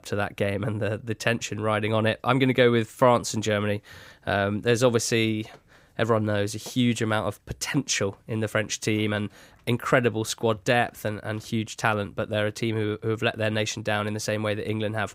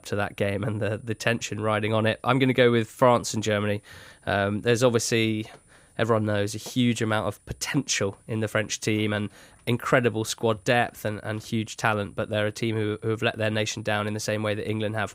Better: first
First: none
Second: high-pitched whine; faint; throughout; 9.5 kHz, 35 dB below the speech

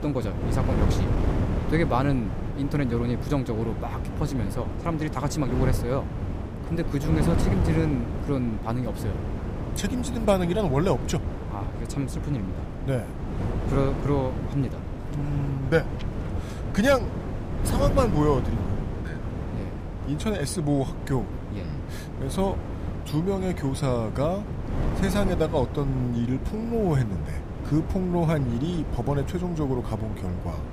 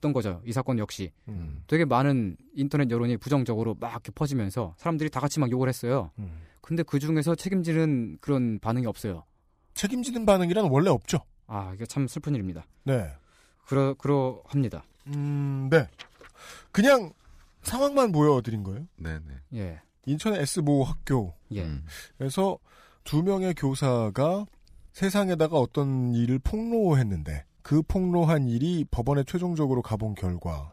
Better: second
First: wind noise on the microphone; heavy; 7 dB below the speech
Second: none

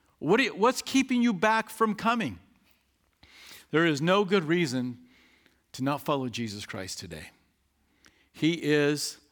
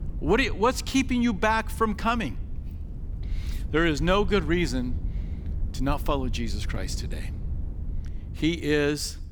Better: first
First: none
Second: low rumble; faint; throughout; 25 dB below the speech

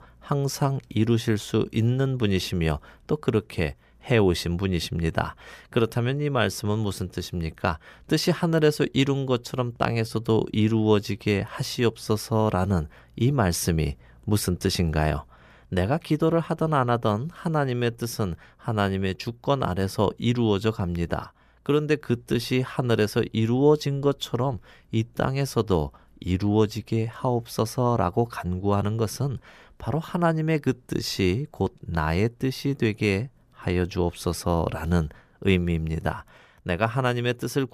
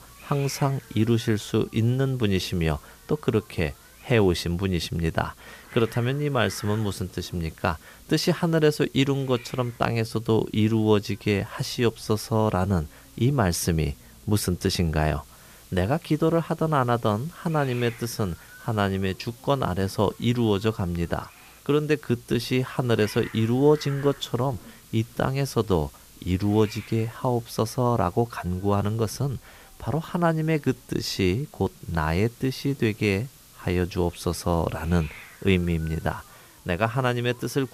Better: first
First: none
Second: hiss; faint; throughout; 20 dB below the speech

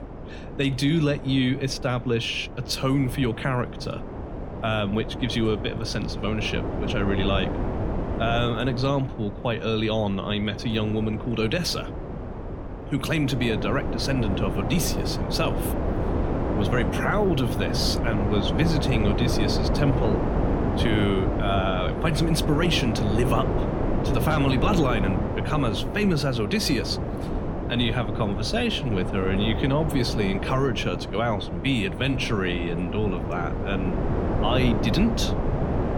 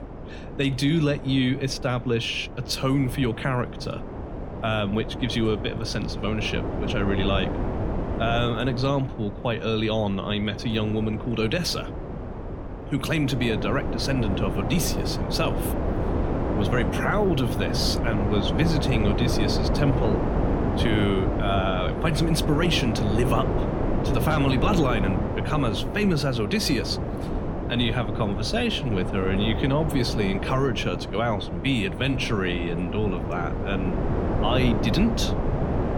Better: neither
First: wind noise on the microphone; heavy; 5 dB below the speech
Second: wind noise on the microphone; heavy; 5 dB below the speech

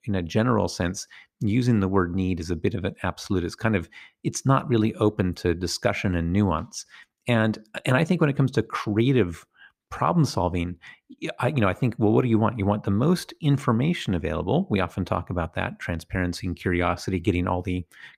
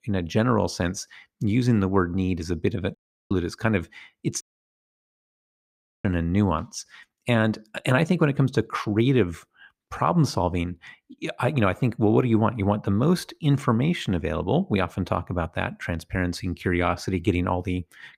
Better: first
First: none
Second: audio cutting out; at 3 s and at 4.5 s for 1.5 s

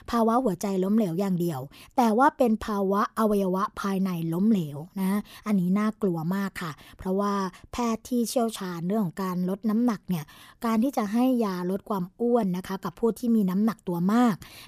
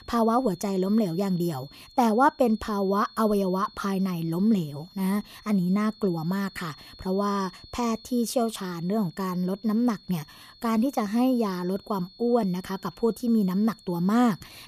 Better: first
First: none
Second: high-pitched whine; faint; throughout; 4.5 kHz, 25 dB below the speech

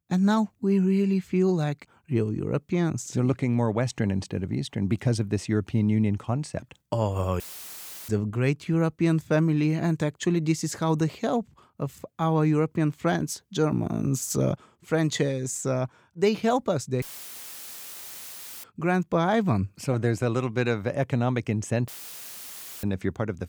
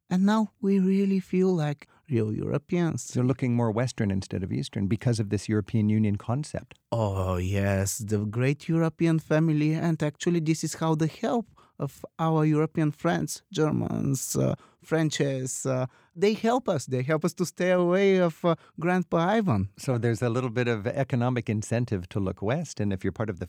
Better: second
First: audio cutting out; filled with static; at 7.5 s for 0.5 s, at 17 s for 1.5 s and at 22 s for 1 s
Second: none

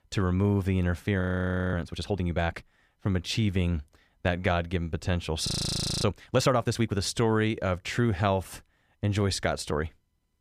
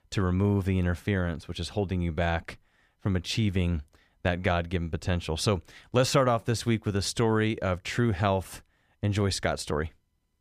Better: second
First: audio freezing; at 1 s for 0.5 s and at 5.5 s for 0.5 s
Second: none

